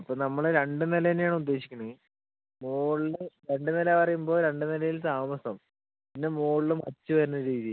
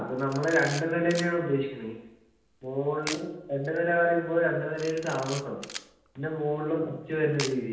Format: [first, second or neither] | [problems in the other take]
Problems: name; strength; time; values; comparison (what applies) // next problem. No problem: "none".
first | background sound (Camera); 16 dB below the speech // room echo; dies away in 0.9 s